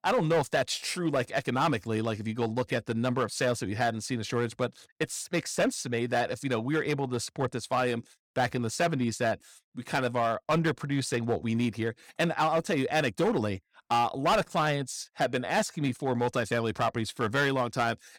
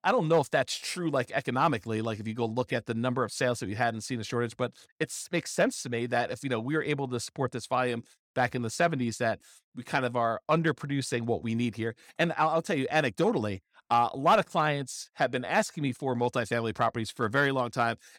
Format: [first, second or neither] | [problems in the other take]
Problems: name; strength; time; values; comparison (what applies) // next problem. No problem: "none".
second | distortion; slight; 6% of the sound clipped